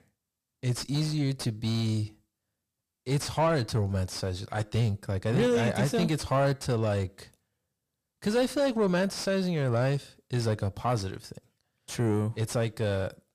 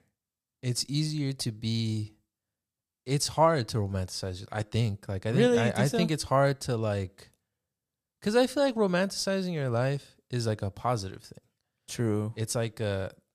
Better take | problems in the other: second | distortion; slight; 9 dB below the speech

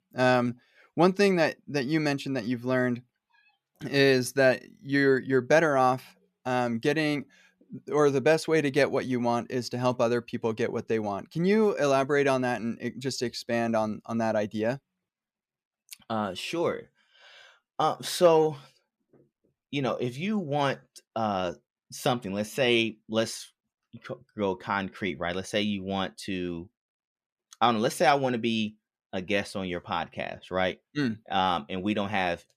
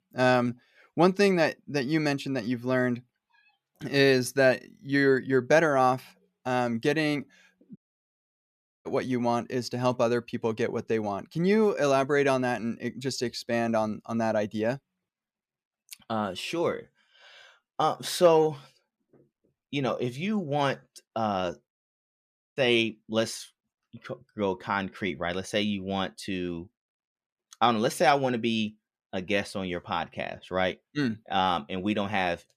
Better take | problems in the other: first | audio cutting out; at 8 s for 1 s and at 22 s for 1 s

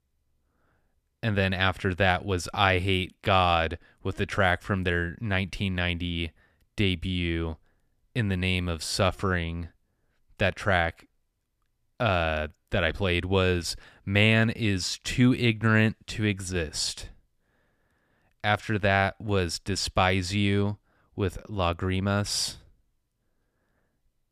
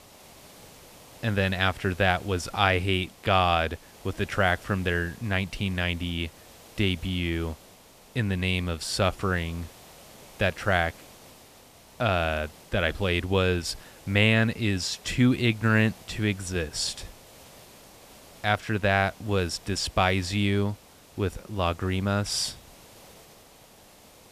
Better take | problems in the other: first | hiss; faint; throughout; 25 dB below the speech

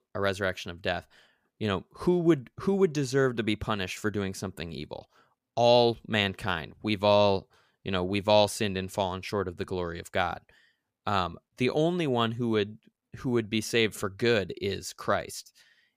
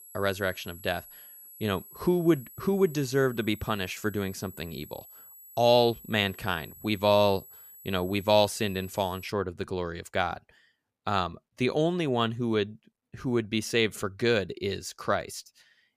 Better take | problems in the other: first | high-pitched whine; noticeable; until 9.5 s; 11.5 kHz, 20 dB below the speech

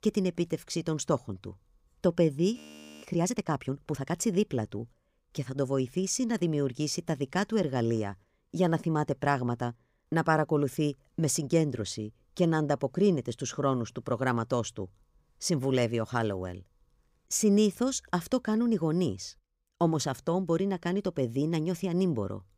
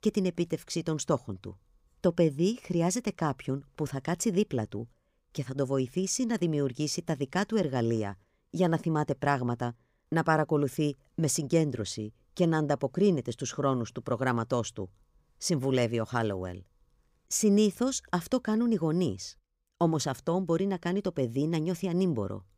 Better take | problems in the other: second | audio freezing; at 2.5 s

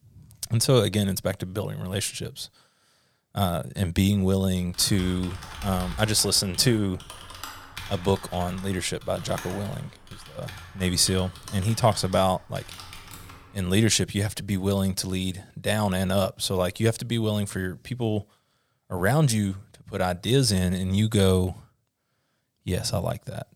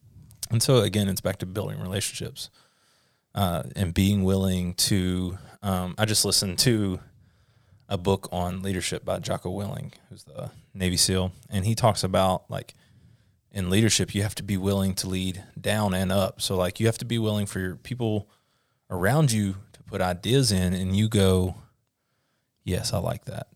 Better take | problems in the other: second | keyboard typing; faint; from 4.5 to 14 s; peak 10 dB below the speech

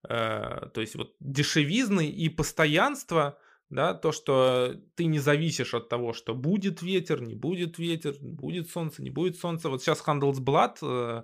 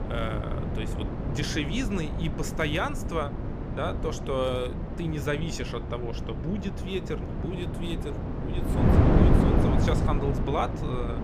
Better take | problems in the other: first | wind noise on the microphone; heavy; 2 dB below the speech

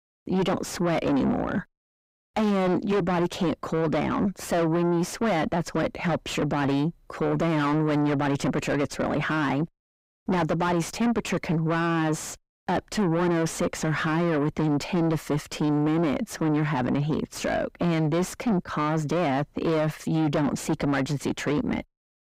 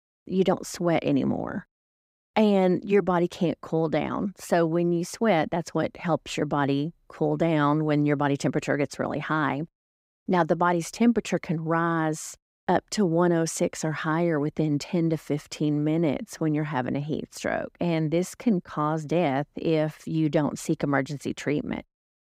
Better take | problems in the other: second | distortion; heavy; 6 dB below the speech

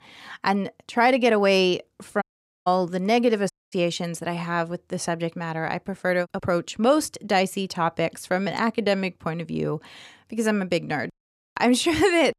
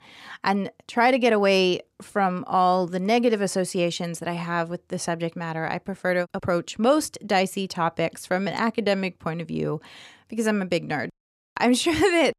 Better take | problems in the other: second | audio cutting out; at 2 s and at 3.5 s

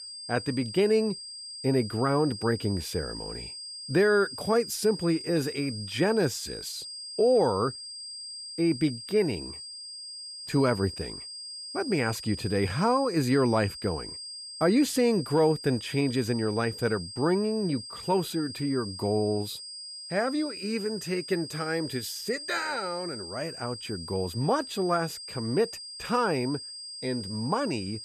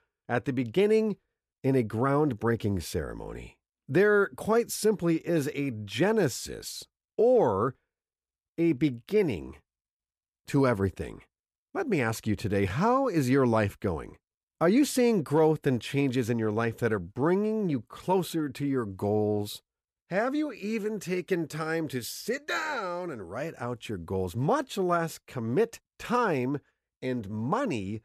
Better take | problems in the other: second | high-pitched whine; loud; throughout; 5 kHz, 10 dB below the speech

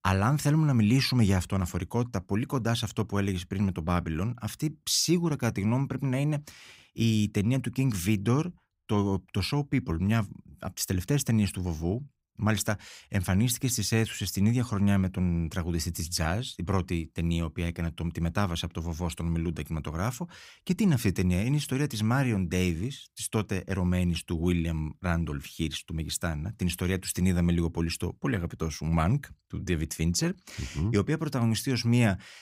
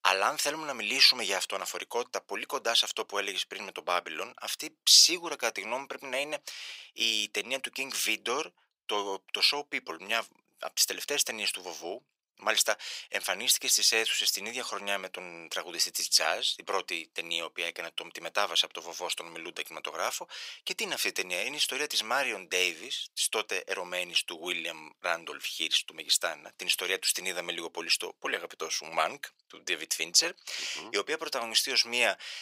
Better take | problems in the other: first | thin; very; fading below 500 Hz

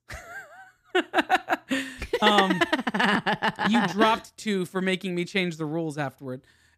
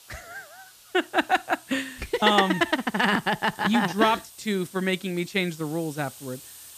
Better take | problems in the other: first | hiss; faint; throughout; 20 dB below the speech

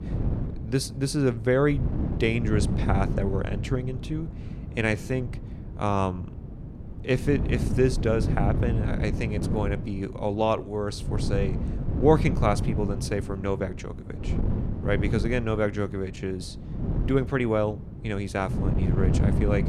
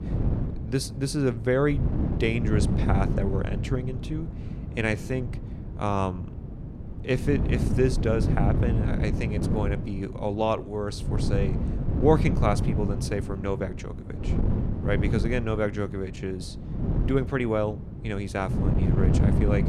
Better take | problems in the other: first | wind noise on the microphone; heavy; 8 dB below the speech; occasional gusts in the first

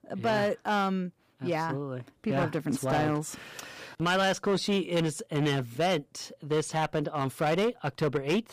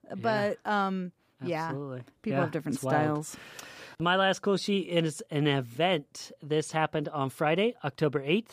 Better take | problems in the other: second | distortion; slight; 8% of the sound clipped

